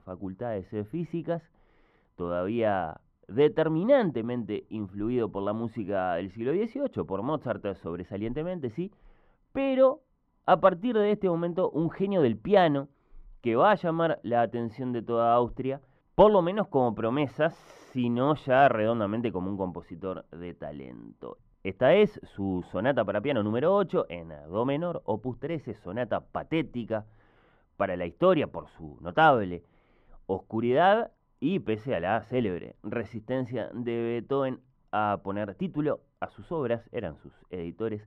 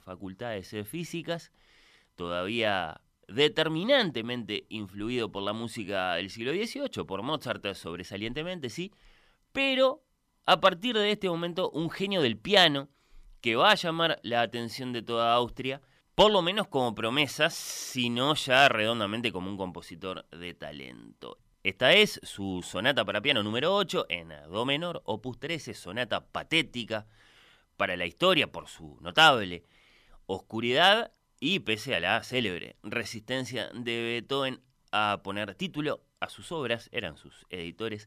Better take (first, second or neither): second